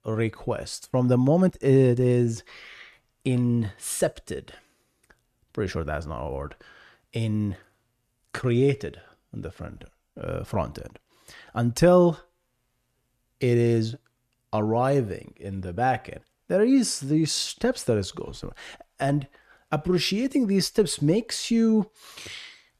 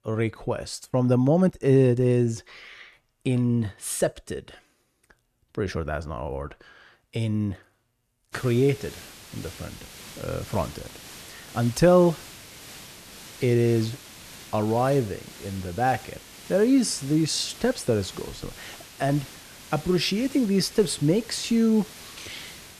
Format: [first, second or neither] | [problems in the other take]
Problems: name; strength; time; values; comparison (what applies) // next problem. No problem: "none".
first | hiss; noticeable; from 8.5 s on; 20 dB below the speech